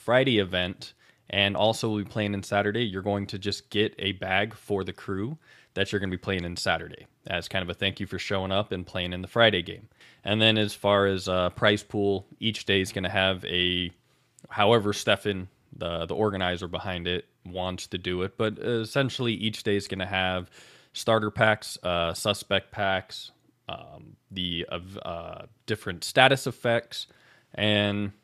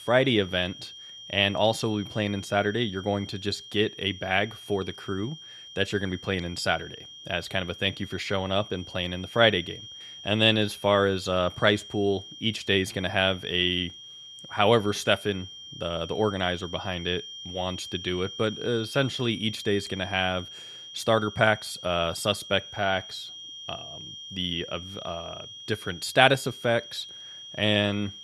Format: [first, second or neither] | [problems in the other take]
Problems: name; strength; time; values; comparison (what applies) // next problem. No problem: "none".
first | high-pitched whine; noticeable; throughout; 3 kHz, 15 dB below the speech